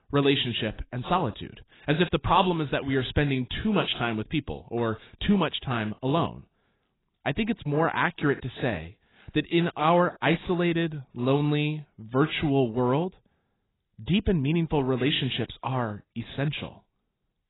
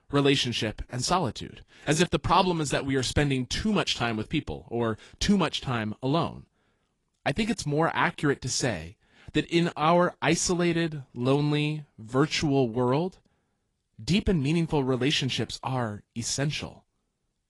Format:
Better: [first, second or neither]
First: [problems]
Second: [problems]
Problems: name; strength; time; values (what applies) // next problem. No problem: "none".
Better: second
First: garbled, watery; badly; nothing above 4 kHz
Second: garbled, watery; slightly; nothing above 10.5 kHz